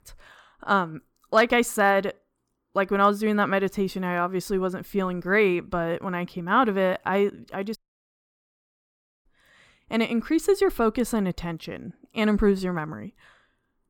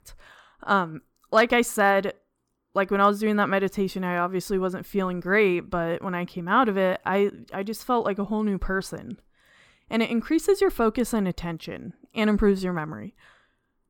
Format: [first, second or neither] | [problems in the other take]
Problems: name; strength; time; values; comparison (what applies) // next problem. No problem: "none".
second | audio cutting out; at 8 s for 1.5 s